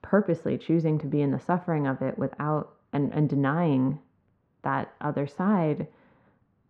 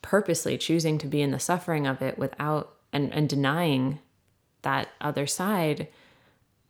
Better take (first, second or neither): second